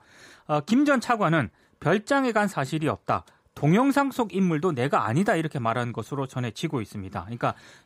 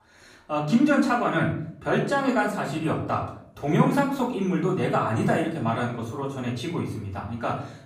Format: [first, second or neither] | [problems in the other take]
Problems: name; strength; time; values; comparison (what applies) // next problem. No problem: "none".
first | off-mic speech; far // room echo; slight; dies away in 0.6 s